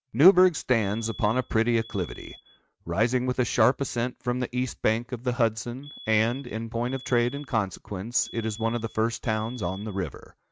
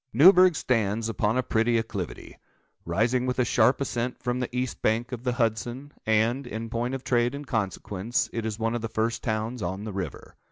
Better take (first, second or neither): second